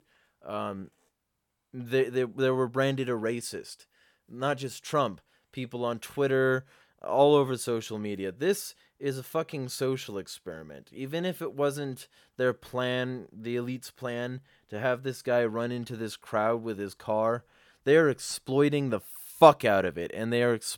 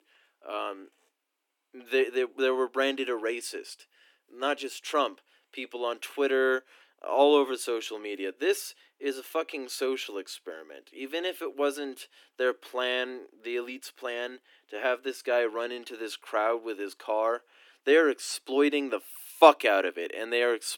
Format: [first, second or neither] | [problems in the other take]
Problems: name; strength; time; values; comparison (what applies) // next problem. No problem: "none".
first | thin; very slightly; fading below 250 Hz